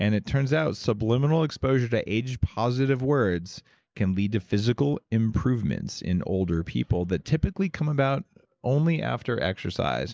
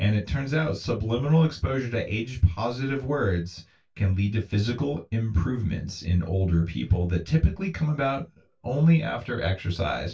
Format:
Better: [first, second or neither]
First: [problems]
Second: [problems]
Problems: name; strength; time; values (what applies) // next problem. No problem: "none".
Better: first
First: none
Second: room echo; dies away in 0.2 s